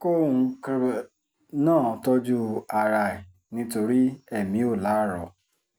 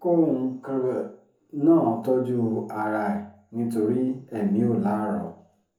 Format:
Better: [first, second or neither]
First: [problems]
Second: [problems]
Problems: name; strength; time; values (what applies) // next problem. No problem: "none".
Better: first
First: none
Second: room echo; dies away in 0.5 s